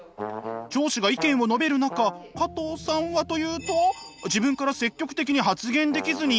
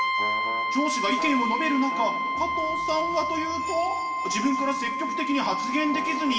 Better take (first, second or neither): first